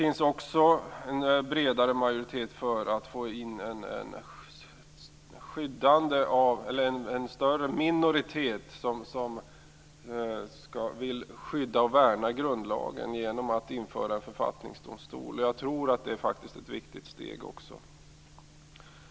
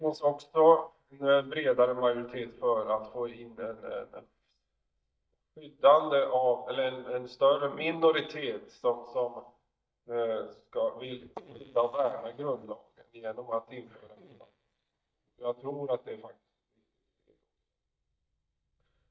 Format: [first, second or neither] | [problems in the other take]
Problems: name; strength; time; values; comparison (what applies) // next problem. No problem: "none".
first | noise reduction (neural mask model DeepFilterNet 3)